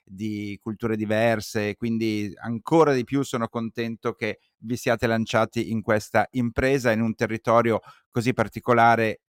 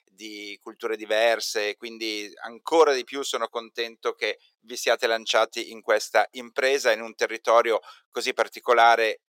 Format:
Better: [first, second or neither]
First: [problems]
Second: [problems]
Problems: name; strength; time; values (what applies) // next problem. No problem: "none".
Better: first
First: none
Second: thin; very; fading below 450 Hz